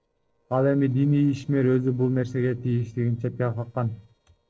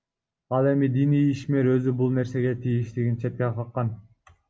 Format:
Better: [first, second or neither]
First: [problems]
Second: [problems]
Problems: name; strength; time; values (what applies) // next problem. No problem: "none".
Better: second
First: noise reduction (neural separator model SepFormer DNS4)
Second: none